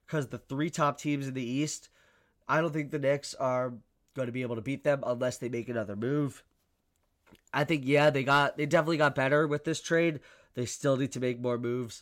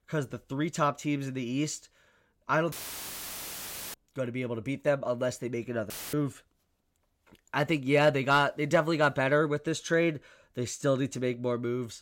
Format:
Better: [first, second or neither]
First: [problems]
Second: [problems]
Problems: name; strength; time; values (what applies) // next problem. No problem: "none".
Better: first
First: none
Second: audio cutting out; filled with static; at 2.5 s for 1 s and at 6 s